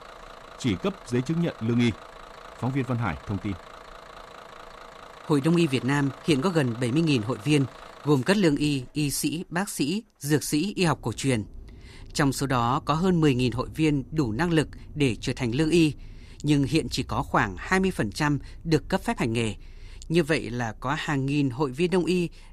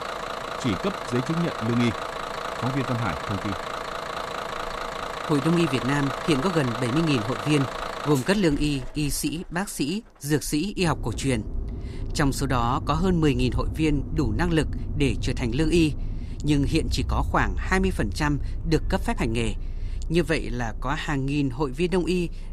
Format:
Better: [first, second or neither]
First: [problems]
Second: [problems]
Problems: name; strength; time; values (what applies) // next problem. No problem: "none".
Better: first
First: traffic noise; faint; throughout; 20 dB below the speech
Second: traffic noise; loud; throughout; 7 dB below the speech